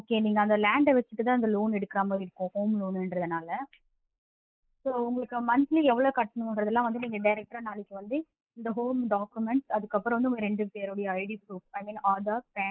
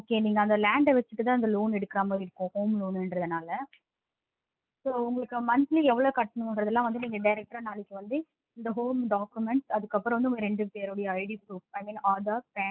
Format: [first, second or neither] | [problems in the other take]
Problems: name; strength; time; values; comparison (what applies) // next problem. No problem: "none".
second | noise reduction (neural mask model Resemble Enhance denoiser)